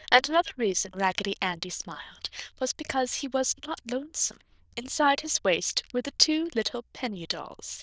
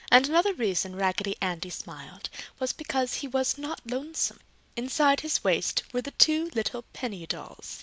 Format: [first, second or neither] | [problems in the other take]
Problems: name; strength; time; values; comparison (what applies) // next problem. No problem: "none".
second | noise reduction (neural diffusion model UNIVERSE++)